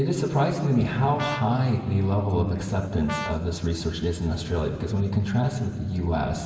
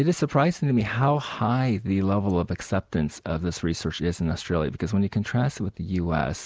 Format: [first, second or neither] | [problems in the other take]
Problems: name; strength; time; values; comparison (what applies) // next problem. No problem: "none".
second | background sound (Brass instrument); 12 dB below the speech // room echo; dies away in 1.9 s